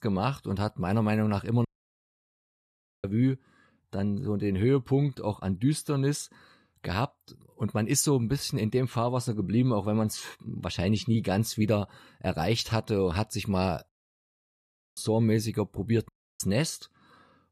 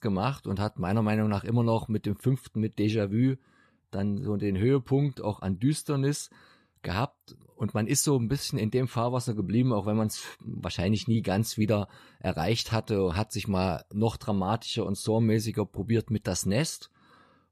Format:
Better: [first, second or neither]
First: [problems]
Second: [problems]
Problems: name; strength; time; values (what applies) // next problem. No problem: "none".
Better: second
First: audio cutting out; at 1.5 s for 1.5 s, at 14 s for 1 s and at 16 s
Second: none